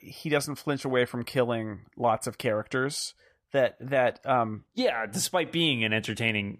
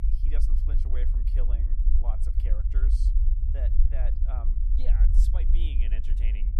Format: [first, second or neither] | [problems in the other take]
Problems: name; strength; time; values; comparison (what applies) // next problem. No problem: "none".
first | low rumble; loud; throughout; 2 dB below the speech